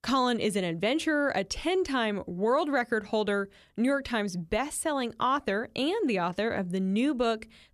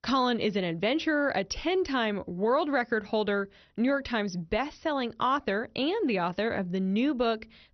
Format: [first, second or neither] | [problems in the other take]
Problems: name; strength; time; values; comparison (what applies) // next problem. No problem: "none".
first | garbled, watery; slightly; nothing above 6 kHz